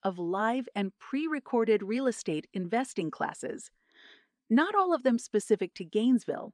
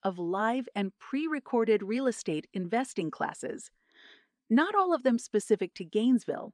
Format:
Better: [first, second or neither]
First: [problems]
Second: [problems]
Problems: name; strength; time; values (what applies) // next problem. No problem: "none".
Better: neither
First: none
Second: none